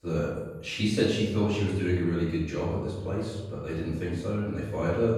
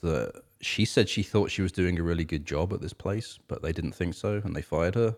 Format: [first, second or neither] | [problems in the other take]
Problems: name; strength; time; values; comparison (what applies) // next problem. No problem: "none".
second | room echo; noticeable; dies away in 1 s // off-mic speech; far